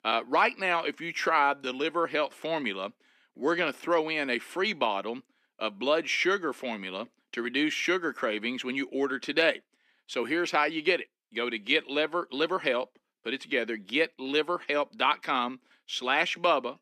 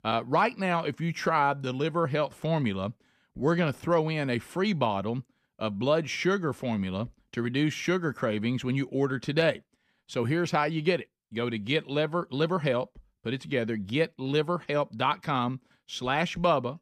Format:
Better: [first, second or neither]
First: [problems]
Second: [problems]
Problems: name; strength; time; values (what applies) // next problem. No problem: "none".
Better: second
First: thin; somewhat; fading below 300 Hz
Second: none